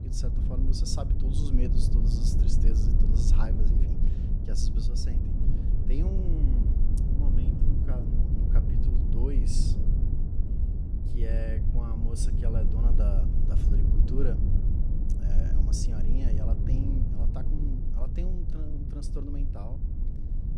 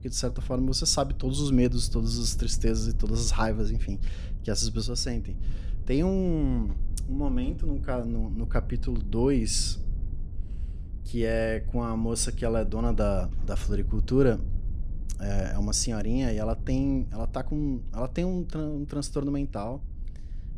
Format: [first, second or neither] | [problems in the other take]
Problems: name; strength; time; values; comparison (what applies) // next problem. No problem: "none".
second | low rumble; loud; throughout; 1 dB below the speech; faint in the second